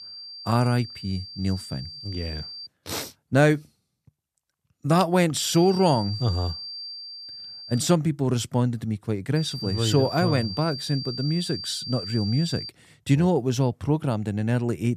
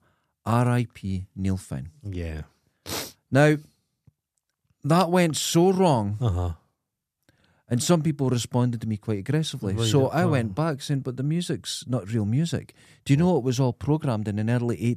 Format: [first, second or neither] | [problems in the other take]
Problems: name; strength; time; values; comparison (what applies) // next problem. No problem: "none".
second | high-pitched whine; loud; until 2.5 s, from 5.5 to 8 s and from 9.5 to 13 s; 4.5 kHz, 10 dB below the speech